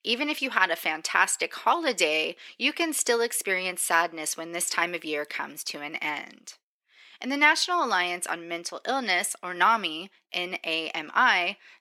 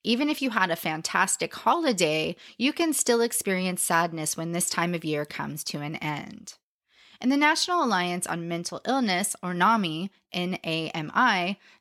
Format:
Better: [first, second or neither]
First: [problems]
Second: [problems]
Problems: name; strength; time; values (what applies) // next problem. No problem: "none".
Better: second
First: thin; somewhat; fading below 300 Hz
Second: none